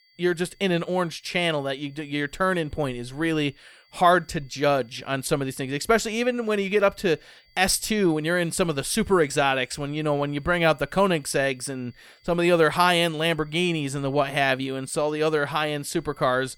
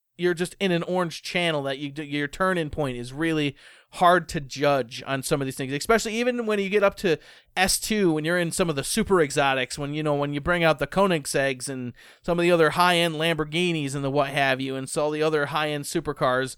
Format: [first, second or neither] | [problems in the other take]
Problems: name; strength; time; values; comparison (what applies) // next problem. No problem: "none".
second | high-pitched whine; faint; throughout; 4.5 kHz, 35 dB below the speech